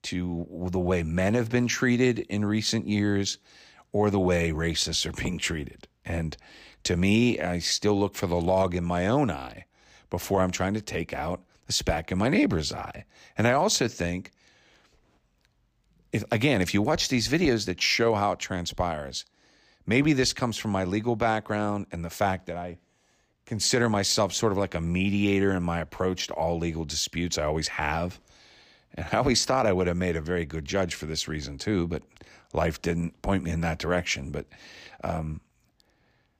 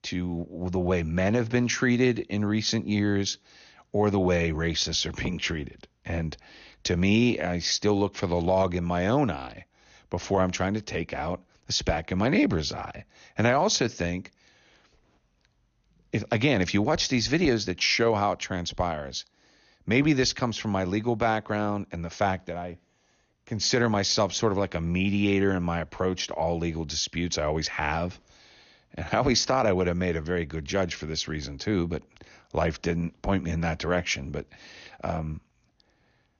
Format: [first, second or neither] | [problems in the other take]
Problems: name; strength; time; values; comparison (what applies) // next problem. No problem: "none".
first | garbled, watery; slightly; nothing above 6.5 kHz